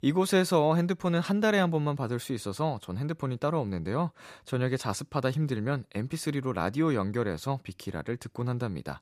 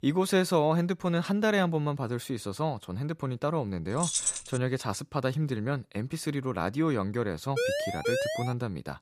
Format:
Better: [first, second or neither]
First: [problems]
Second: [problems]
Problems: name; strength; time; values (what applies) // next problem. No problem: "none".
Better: first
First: none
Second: jangling keys; loud; at 4 s; peak 3 dB above the speech // siren; loud; at 7.5 s; peak 1 dB above the speech